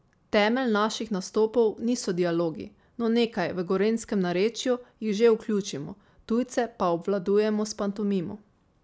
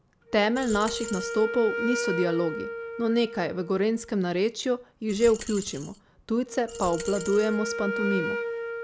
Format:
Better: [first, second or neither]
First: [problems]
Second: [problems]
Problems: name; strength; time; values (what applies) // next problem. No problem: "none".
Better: first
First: none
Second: background sound (Coin (dropping) + Wind instrument, woodwind instrument); 7 dB below the speech